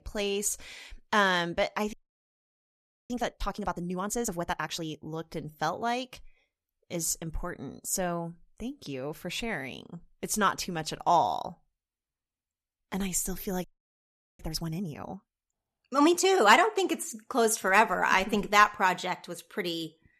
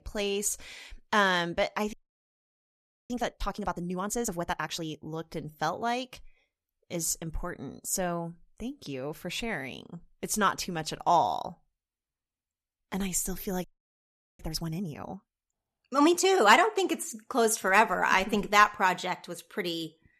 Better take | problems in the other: neither | audio freezing; at 2 s for 1 s and at 14 s for 1 s; the same in both

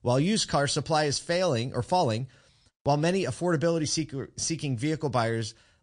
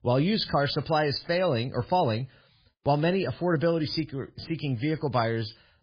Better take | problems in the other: first | garbled, watery; badly; nothing above 5 kHz; slightly in the first

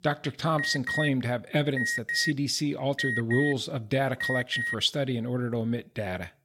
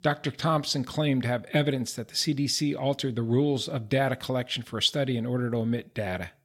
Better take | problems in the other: second | alarm; loud; from 0.5 to 5 s; peak 1 dB above the speech

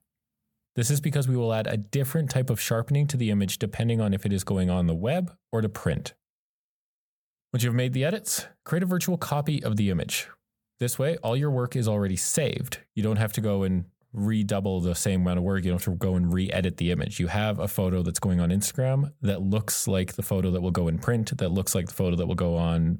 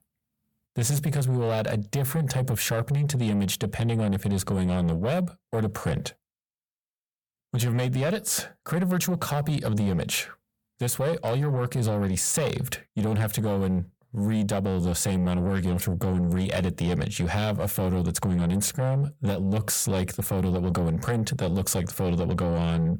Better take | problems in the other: first | distortion; slight; 10 dB below the speech

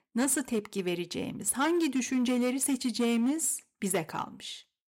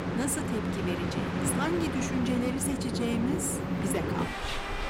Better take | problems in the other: first | train or aircraft noise; very loud; throughout; 1 dB above the speech

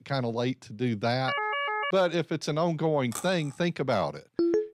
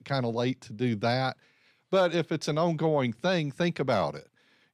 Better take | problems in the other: second | siren; loud; at 1.5 s; peak level with the speech // clattering dishes; faint; at 3 s; peak 10 dB below the speech // phone ringing; loud; at 4.5 s; peak 2 dB above the speech

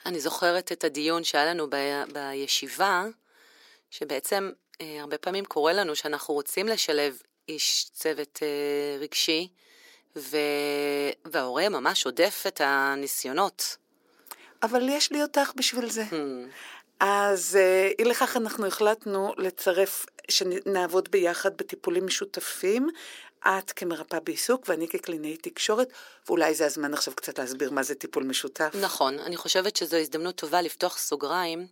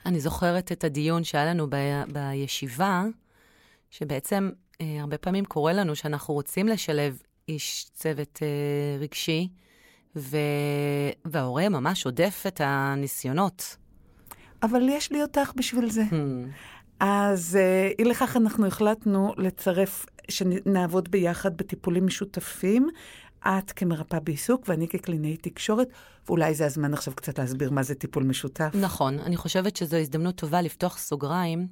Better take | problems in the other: second | thin; somewhat; fading below 350 Hz

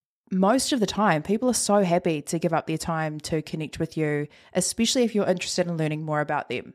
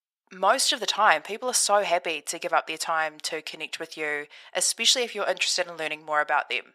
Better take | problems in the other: first | thin; very; fading below 800 Hz

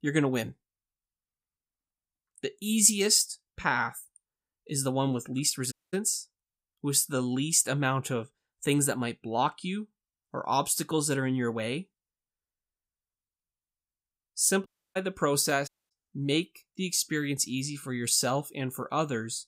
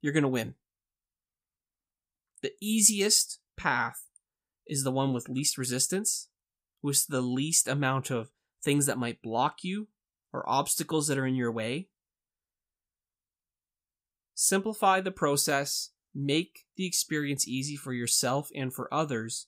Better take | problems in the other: second | audio cutting out; at 5.5 s, at 15 s and at 16 s

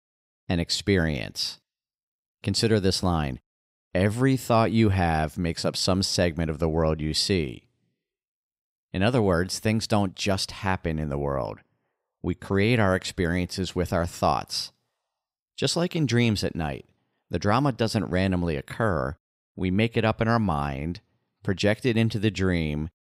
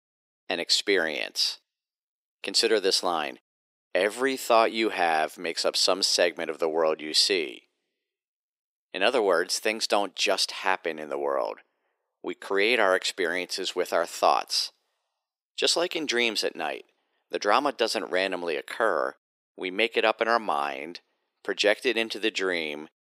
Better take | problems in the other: first | thin; very; fading below 350 Hz

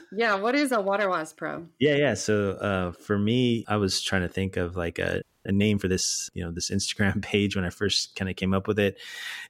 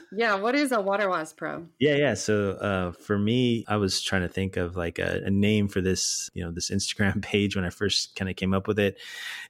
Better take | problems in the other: second | audio freezing; at 5 s

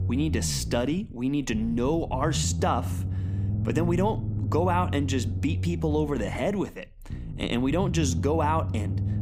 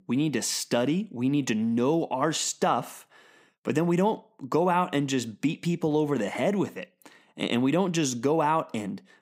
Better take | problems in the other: second | low rumble; noticeable; throughout; 15 dB below the speech

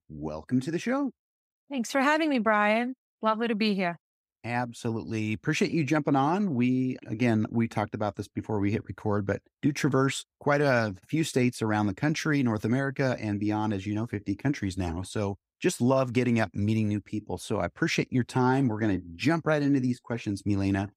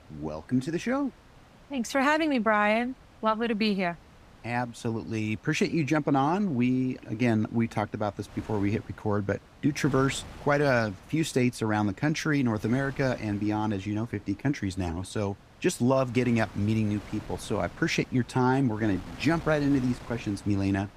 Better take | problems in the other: first | wind noise on the microphone; occasional gusts; 20 dB below the speech

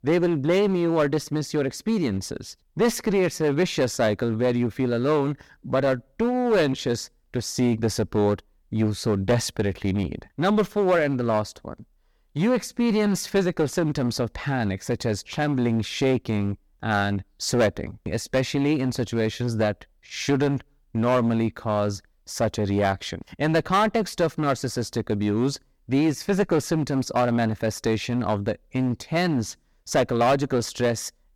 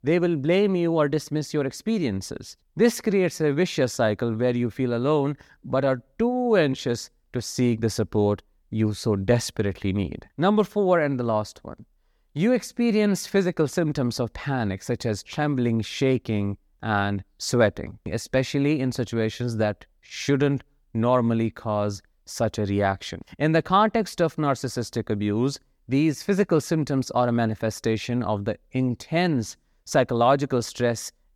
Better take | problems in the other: second | distortion; slight; 7% of the sound clipped

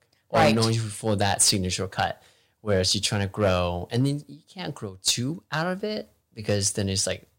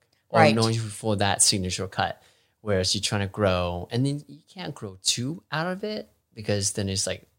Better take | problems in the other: second | distortion; slight; 1.7% of the sound clipped

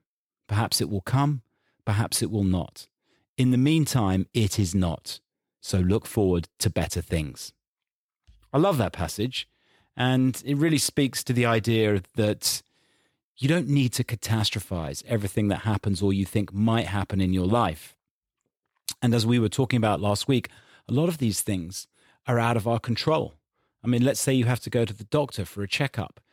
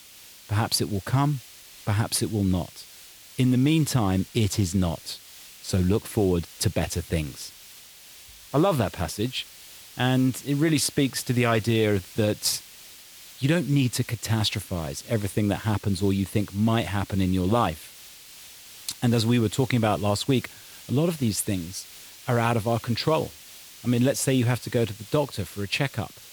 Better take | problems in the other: first | hiss; noticeable; throughout; 20 dB below the speech

